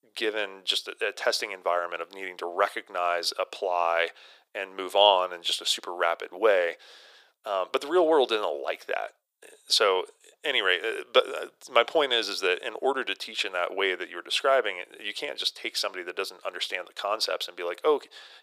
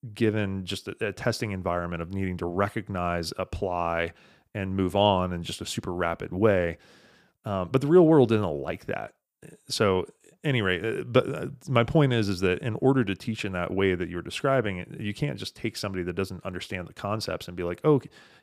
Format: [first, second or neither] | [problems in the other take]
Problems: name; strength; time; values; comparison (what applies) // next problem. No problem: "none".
second | thin; very; fading below 450 Hz